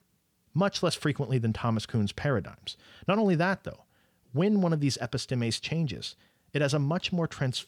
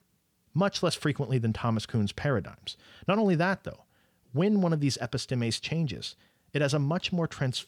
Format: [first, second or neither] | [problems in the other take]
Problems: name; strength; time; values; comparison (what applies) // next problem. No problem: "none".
neither | none